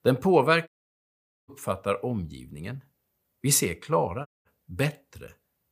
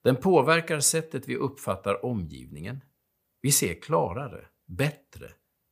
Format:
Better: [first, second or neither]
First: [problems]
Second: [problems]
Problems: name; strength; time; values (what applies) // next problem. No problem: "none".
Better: second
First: audio cutting out; at 0.5 s for 1 s and at 4.5 s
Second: none